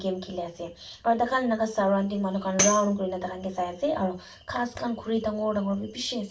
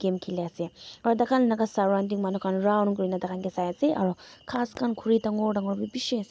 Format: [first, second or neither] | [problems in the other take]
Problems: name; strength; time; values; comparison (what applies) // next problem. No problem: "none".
second | background sound (Tambourine); 4 dB below the speech // room echo; dies away in 0.2 s